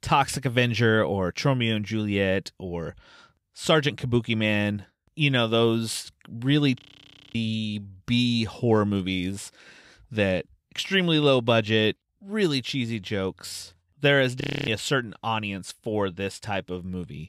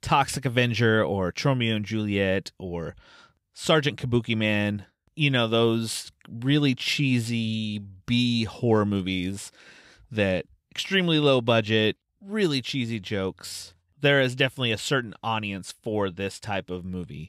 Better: second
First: audio freezing; at 7 s for 0.5 s and at 14 s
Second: none

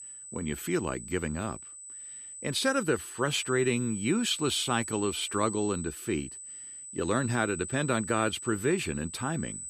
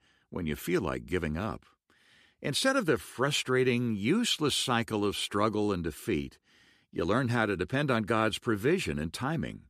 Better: second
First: high-pitched whine; loud; throughout; 8 kHz, 9 dB below the speech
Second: none

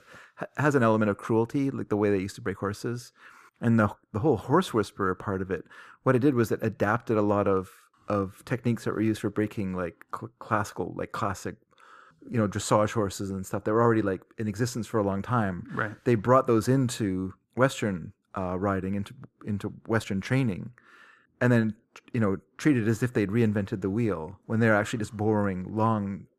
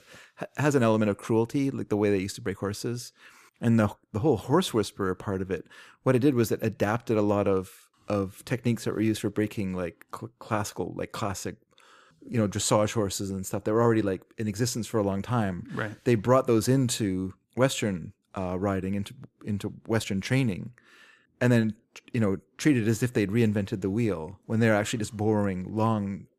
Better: second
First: muffled; very slightly; fading above 2 kHz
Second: none

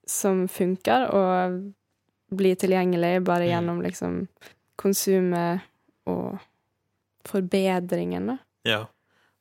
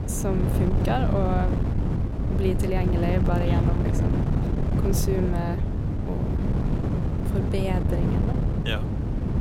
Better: first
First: none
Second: wind noise on the microphone; heavy; 2 dB below the speech

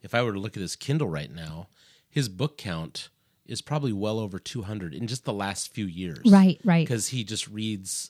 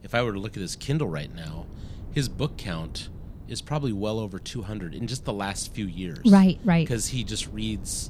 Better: first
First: none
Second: wind noise on the microphone; occasional gusts; 20 dB below the speech

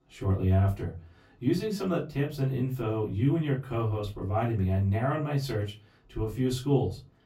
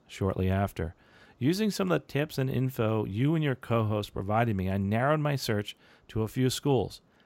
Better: second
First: off-mic speech; far // room echo; very slight; dies away in 0.2 s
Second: none

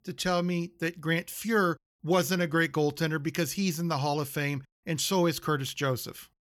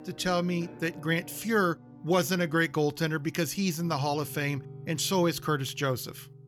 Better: first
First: none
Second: background music; noticeable; throughout; 20 dB below the speech

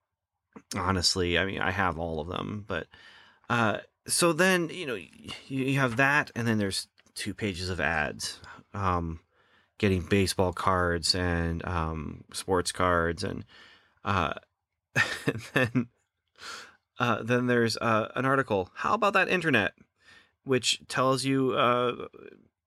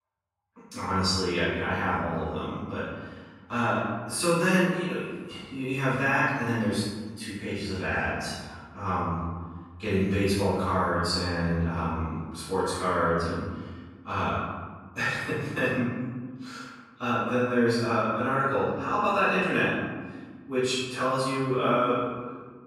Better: first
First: none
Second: off-mic speech; far // room echo; strong; dies away in 1.4 s

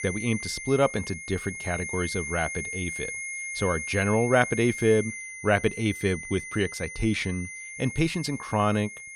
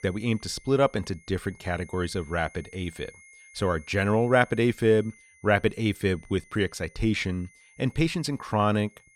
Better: second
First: high-pitched whine; loud; throughout; 2 kHz, 7 dB below the speech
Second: high-pitched whine; faint; throughout; 2 kHz, 25 dB below the speech

